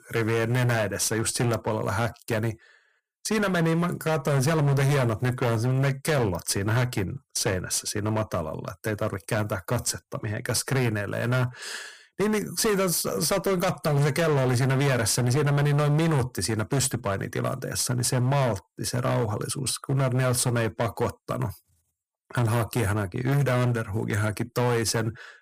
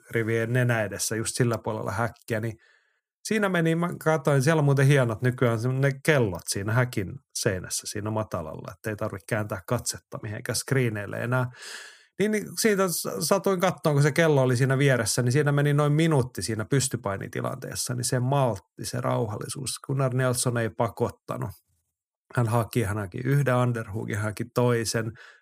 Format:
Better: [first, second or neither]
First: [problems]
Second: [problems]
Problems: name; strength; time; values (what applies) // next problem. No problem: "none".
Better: second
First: distortion; heavy; 17% of the sound clipped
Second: none